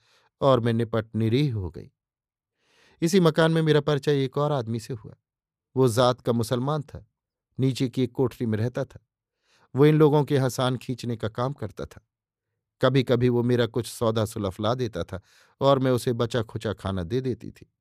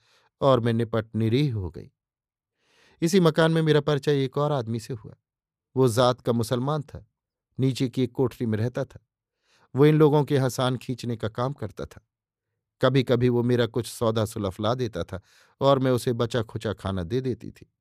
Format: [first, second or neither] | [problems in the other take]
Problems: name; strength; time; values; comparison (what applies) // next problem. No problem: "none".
neither | none